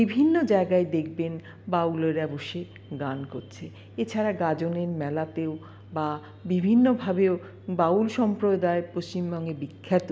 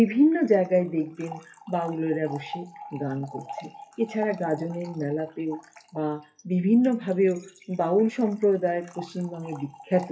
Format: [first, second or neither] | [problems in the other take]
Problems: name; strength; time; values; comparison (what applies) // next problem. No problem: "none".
first | noise reduction (classical method WPE with log-MMSE)